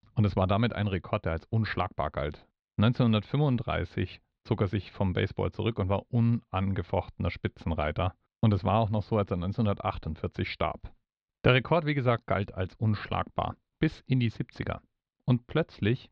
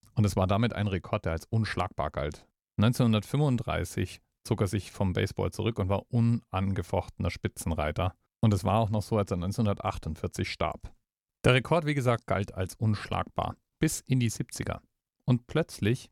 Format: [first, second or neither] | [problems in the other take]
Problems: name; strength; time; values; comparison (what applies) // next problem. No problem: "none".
second | muffled; slightly; fading above 4 kHz